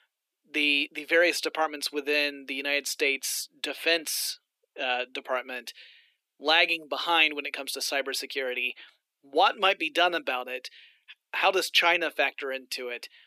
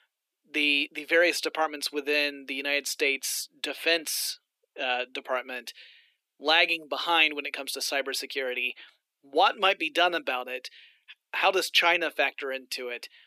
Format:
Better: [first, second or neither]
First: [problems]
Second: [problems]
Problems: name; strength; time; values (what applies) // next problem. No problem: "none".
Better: neither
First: thin; very; fading below 300 Hz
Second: thin; very; fading below 300 Hz